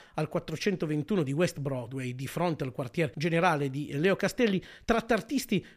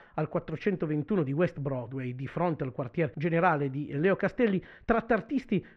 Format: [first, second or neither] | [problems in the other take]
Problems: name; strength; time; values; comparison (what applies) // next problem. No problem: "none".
first | muffled; very; fading above 1.5 kHz